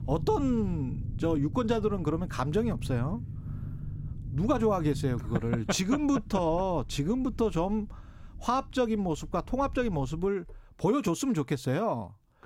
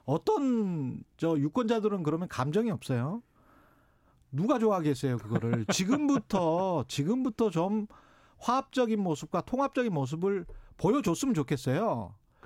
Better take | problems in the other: second | low rumble; faint; until 10 s; 20 dB below the speech

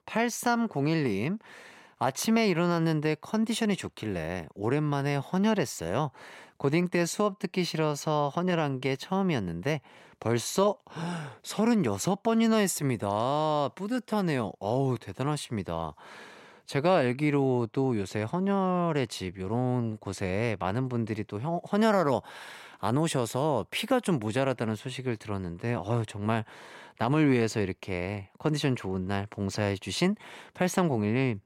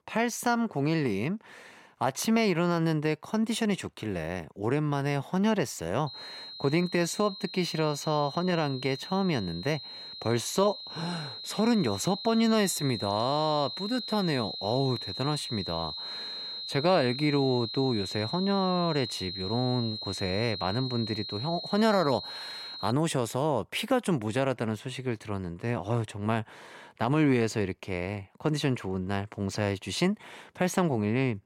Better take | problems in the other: first | high-pitched whine; loud; from 6 to 23 s; 4 kHz, 7 dB below the speech

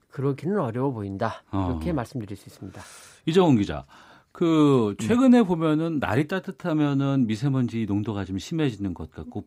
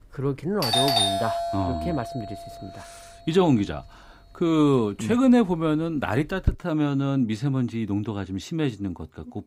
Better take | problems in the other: first | doorbell; loud; from 0.5 to 6.5 s; peak 5 dB above the speech

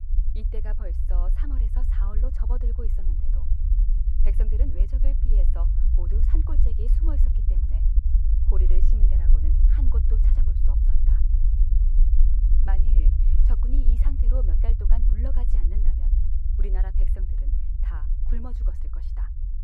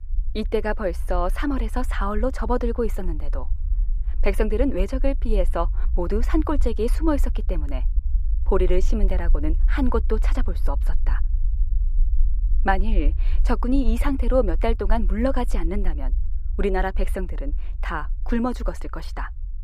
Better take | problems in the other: second | low rumble; loud; throughout; 1 dB below the speech; faint in the second

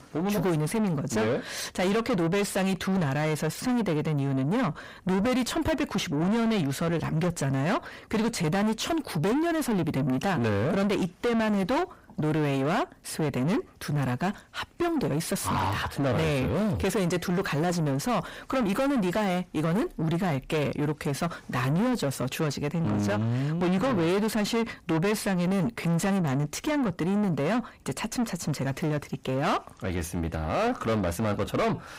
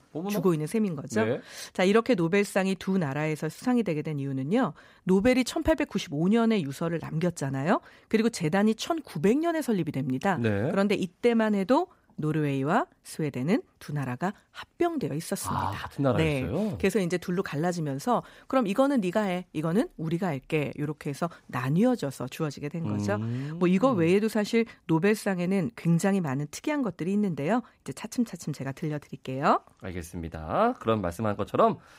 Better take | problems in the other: second | distortion; heavy; 5 dB below the speech

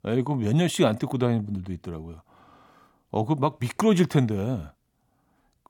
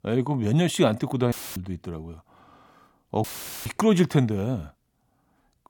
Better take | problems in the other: first | audio cutting out; filled with static; at 1.5 s and at 3 s

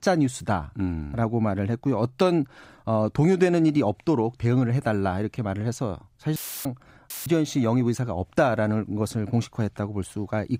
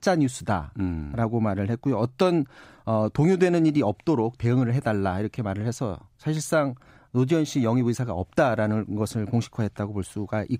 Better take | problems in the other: second | audio cutting out; filled with static; at 6.5 s and at 7 s

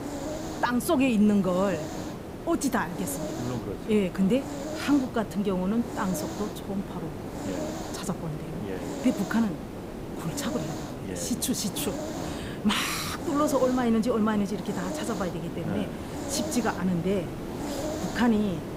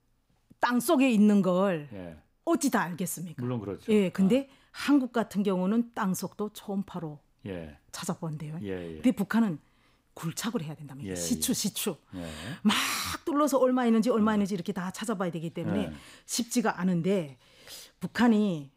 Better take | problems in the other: second | hiss; loud; throughout; 7 dB below the speech

